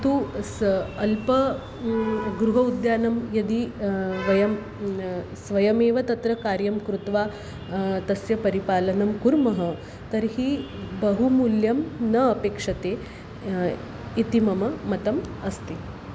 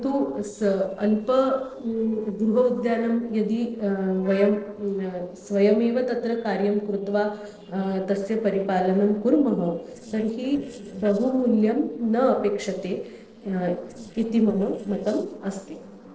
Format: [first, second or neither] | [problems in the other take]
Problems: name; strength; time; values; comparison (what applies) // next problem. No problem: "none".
first | noise reduction (neural separator model SepFormer DNS4)